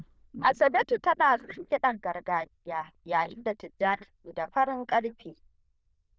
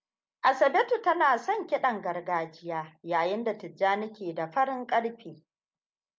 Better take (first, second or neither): second